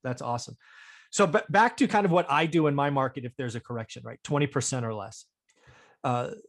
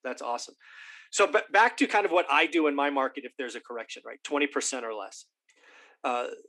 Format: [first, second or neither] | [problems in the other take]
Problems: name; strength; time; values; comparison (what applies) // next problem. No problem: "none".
first | thin; very slightly; fading below 250 Hz